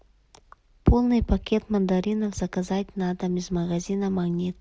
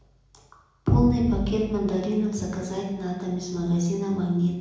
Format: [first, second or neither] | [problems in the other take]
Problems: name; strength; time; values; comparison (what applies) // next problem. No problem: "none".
first | room echo; dies away in 0.9 s